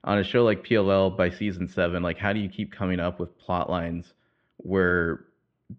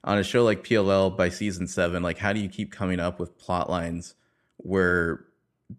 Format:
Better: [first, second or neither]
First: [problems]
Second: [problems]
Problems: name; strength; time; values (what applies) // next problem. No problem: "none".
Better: second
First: muffled; slightly; fading above 3.5 kHz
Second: none